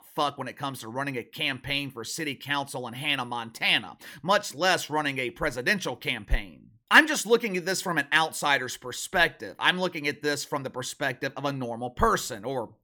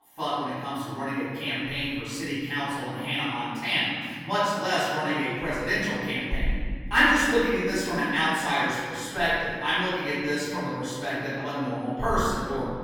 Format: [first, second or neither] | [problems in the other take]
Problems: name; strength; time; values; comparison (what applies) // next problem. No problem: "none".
first | room echo; strong; dies away in 2.8 s // off-mic speech; far